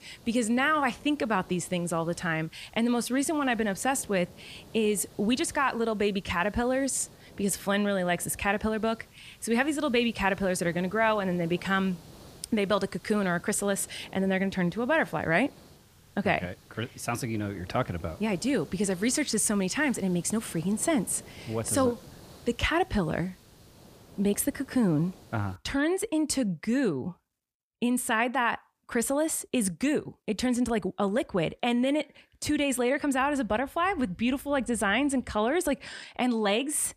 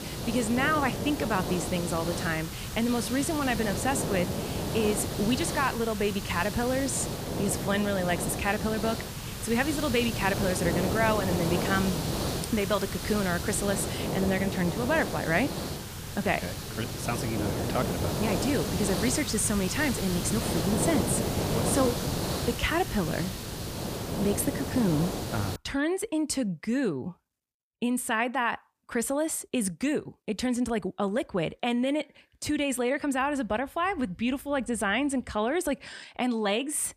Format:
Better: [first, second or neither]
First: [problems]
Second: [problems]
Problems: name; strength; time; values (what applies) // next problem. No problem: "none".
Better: first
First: hiss; faint; until 26 s; 25 dB below the speech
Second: hiss; loud; until 26 s; 3 dB below the speech